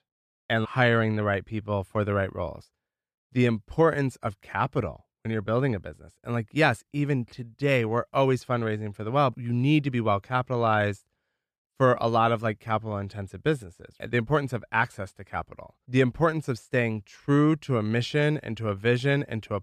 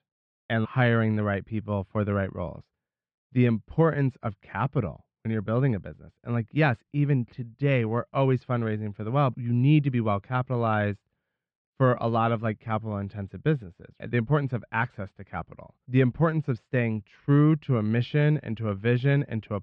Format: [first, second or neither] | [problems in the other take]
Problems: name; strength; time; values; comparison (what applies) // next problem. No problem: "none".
first | muffled; slightly; fading above 3.5 kHz